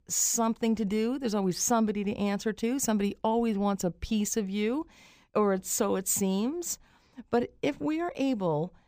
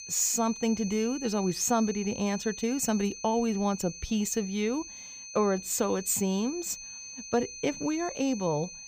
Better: first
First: none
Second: high-pitched whine; noticeable; throughout; 6 kHz, 10 dB below the speech

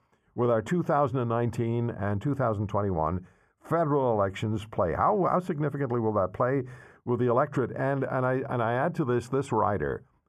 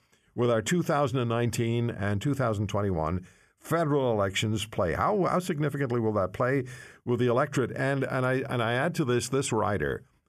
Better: second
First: muffled; very; fading above 2 kHz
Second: none

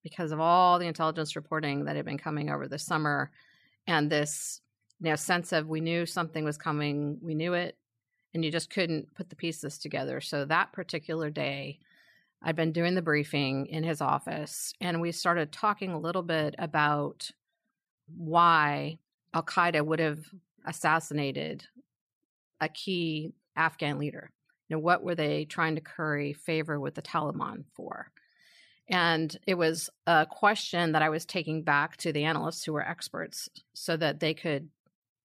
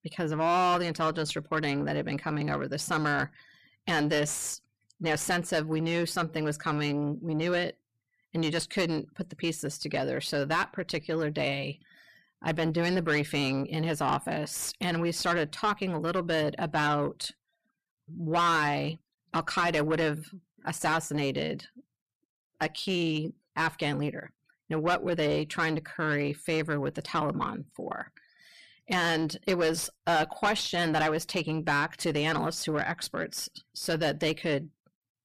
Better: first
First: none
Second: distortion; heavy; 7 dB below the speech

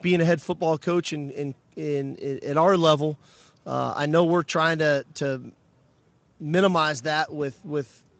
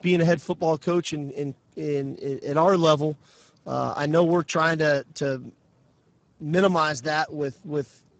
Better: first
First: garbled, watery; slightly; nothing above 7.5 kHz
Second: garbled, watery; badly; nothing above 7.5 kHz

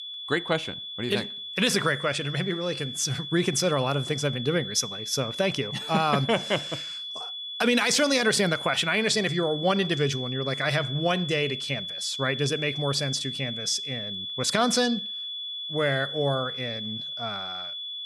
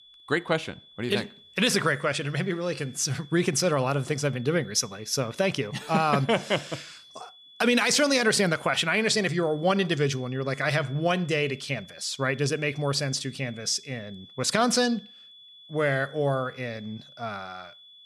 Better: second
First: high-pitched whine; loud; throughout; 3.5 kHz, 6 dB below the speech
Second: high-pitched whine; faint; throughout; 3.5 kHz, 25 dB below the speech

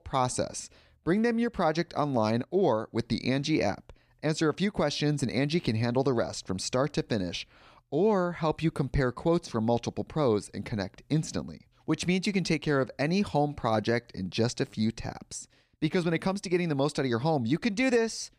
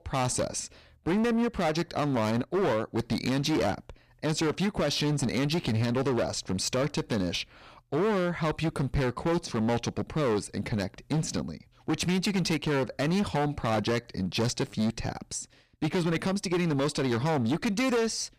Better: first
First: none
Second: distortion; heavy; 19% of the sound clipped

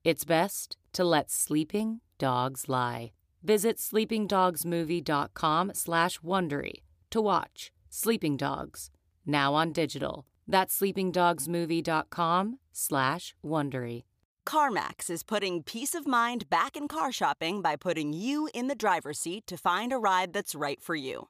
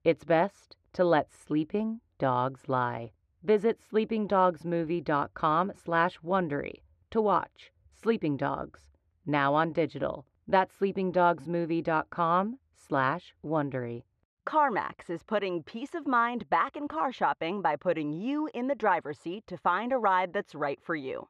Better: first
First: none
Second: muffled; very; fading above 2 kHz

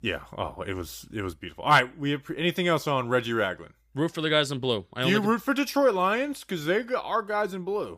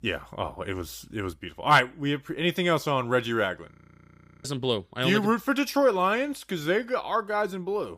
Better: first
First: none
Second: audio freezing; at 3.5 s for 0.5 s

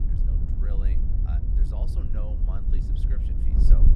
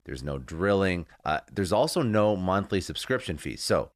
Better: second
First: wind noise on the microphone; heavy; 3 dB above the speech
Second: none

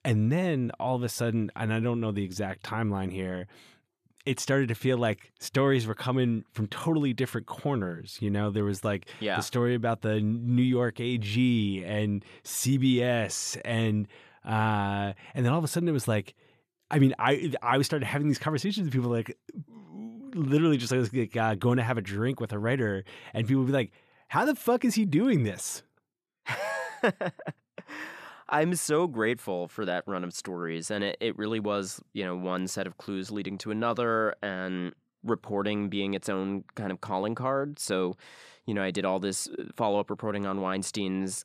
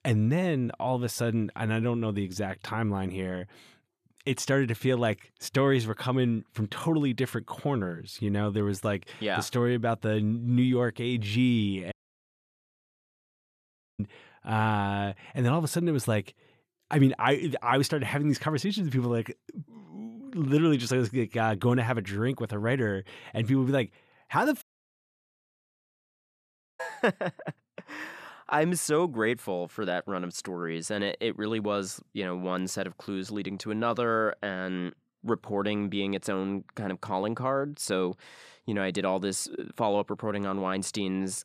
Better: first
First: none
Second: audio cutting out; at 12 s for 2 s and at 25 s for 2 s

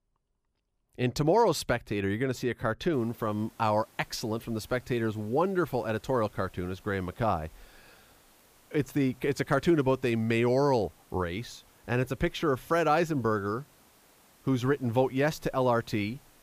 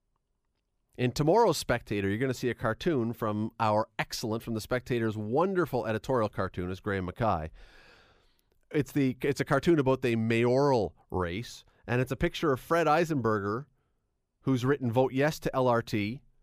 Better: second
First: hiss; faint; from 3 s on; 30 dB below the speech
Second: none

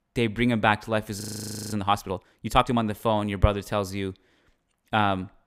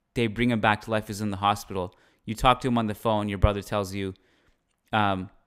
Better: second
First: audio freezing; at 1 s for 0.5 s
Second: none

